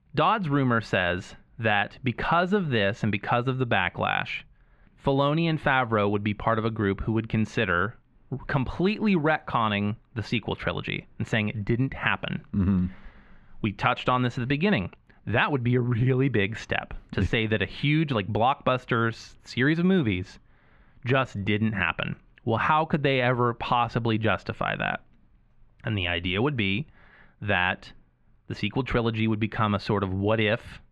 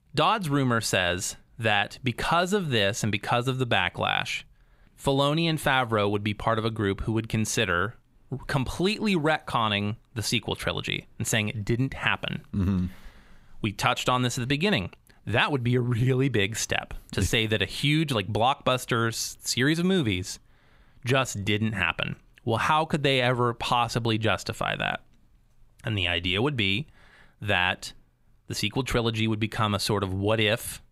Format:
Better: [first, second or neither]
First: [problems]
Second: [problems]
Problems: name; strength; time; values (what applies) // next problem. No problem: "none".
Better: second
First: muffled; slightly; fading above 2 kHz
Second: none